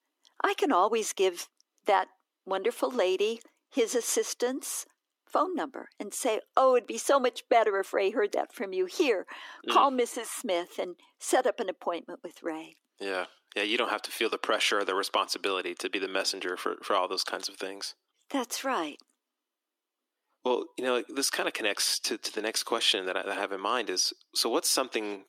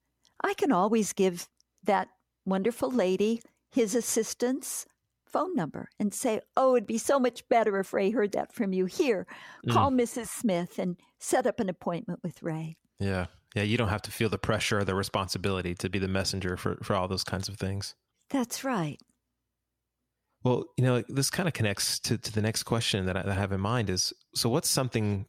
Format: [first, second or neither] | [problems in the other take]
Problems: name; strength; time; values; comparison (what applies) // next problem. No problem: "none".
second | thin; somewhat; fading below 300 Hz